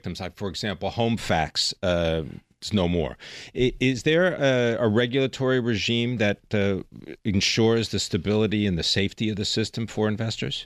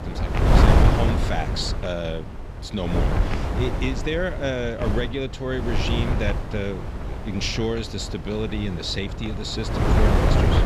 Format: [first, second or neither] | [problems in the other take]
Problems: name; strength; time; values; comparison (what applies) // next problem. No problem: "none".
first | wind noise on the microphone; heavy; as loud as the speech